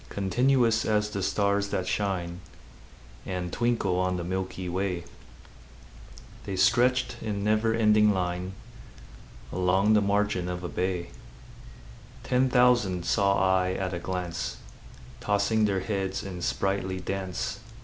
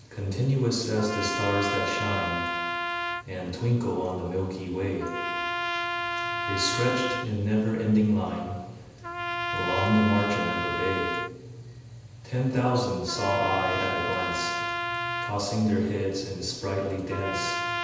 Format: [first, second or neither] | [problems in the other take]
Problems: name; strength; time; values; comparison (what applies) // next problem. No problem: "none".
first | background sound (Trumpet); 4 dB below the speech // room echo; dies away in 1.1 s